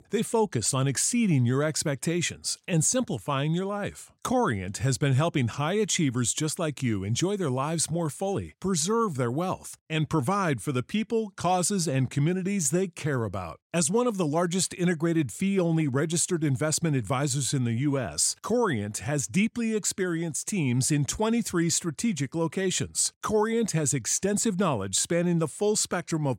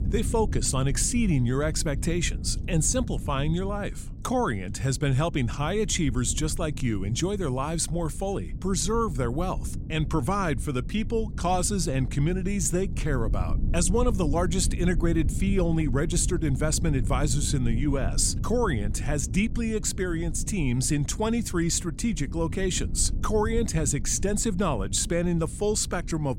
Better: first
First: none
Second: low rumble; noticeable; throughout; 15 dB below the speech

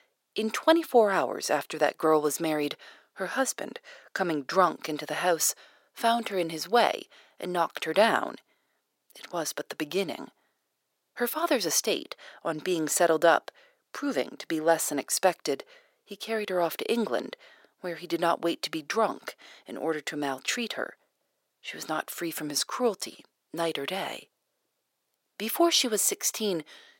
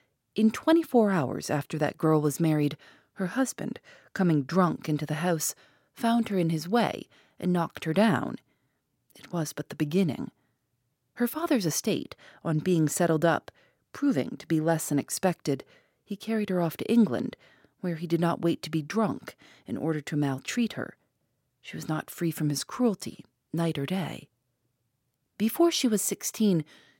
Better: second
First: thin; somewhat; fading below 550 Hz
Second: none

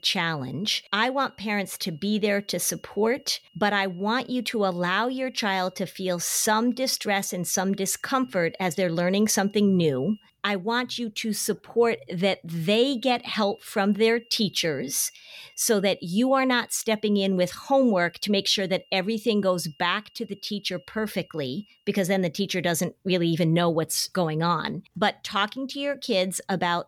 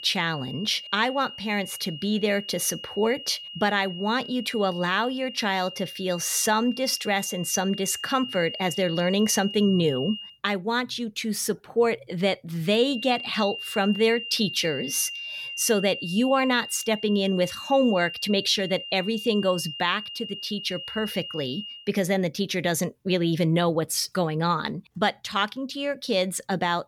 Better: first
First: high-pitched whine; faint; until 10 s and from 13 to 22 s; 3 kHz, 30 dB below the speech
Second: high-pitched whine; loud; until 10 s and from 13 to 22 s; 3 kHz, 10 dB below the speech

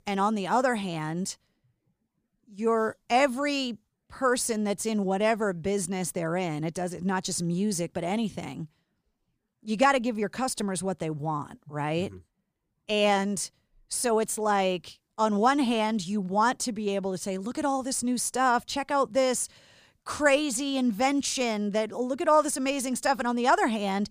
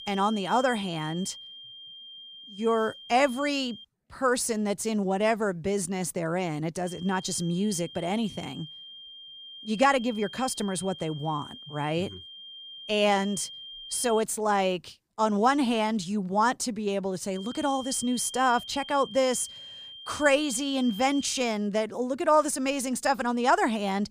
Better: first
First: none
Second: high-pitched whine; noticeable; until 4 s, from 7 to 14 s and from 17 to 21 s; 3 kHz, 15 dB below the speech

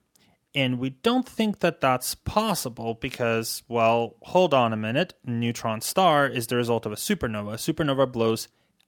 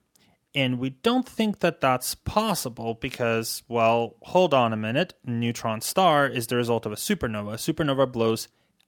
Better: neither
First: none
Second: none

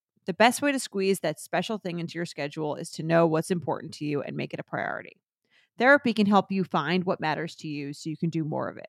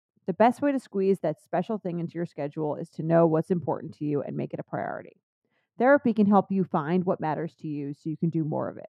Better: first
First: none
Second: muffled; very; fading above 2 kHz

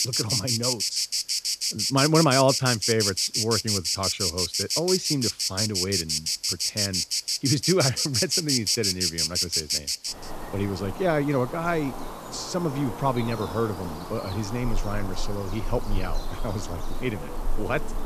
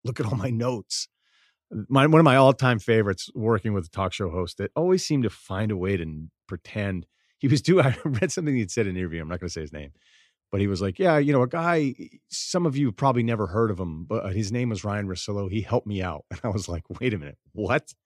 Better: second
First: animal sounds; very loud; throughout; 2 dB above the speech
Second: none

